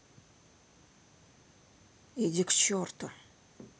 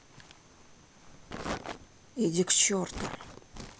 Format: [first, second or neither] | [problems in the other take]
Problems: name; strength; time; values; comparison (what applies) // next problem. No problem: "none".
first | background sound (Crumpling, crinkling); 11 dB below the speech